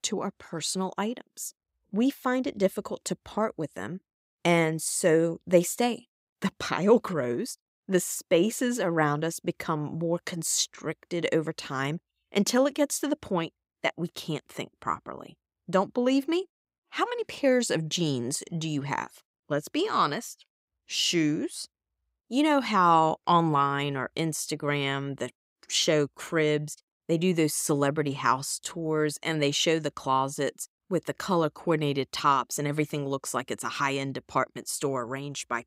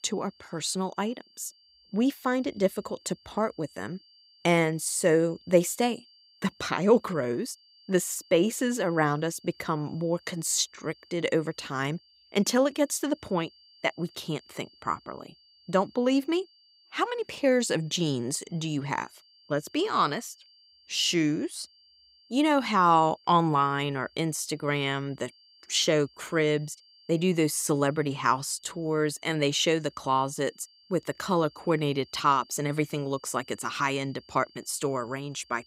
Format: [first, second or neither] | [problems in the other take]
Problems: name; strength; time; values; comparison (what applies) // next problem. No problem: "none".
first | high-pitched whine; faint; throughout; 4.5 kHz, 30 dB below the speech